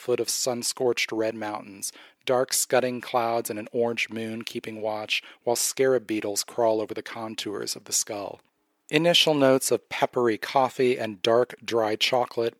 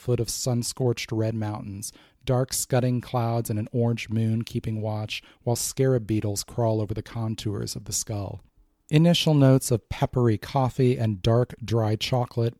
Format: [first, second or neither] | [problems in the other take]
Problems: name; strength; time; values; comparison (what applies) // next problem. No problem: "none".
second | thin; somewhat; fading below 450 Hz